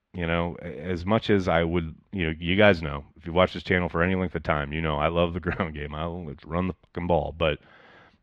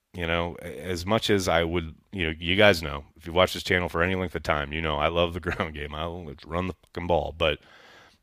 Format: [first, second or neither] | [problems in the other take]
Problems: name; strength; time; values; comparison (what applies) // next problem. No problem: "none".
second | muffled; slightly; fading above 2.5 kHz